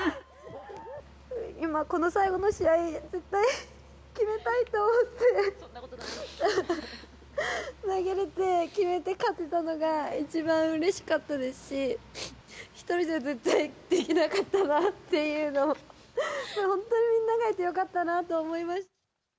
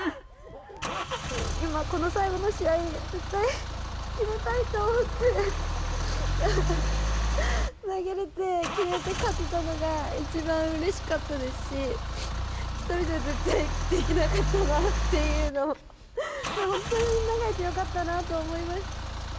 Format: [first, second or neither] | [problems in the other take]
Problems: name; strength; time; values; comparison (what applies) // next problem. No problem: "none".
first | background sound (Idling / Engine starting / Accelerating, revving, vroom / Car); as loud as the speech